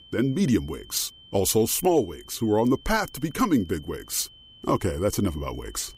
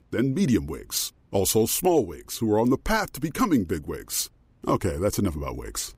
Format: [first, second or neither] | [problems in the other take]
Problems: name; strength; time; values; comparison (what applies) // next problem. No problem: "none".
second | high-pitched whine; faint; throughout; 3 kHz, 25 dB below the speech